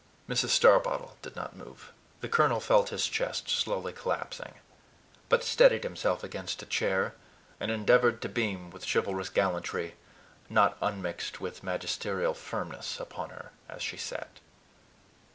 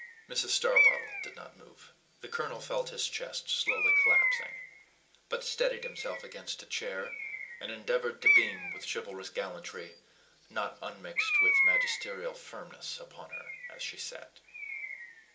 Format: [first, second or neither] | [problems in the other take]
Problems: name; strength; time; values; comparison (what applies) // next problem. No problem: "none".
first | background sound (Bird); 4 dB above the speech // room echo; dies away in 0.2 s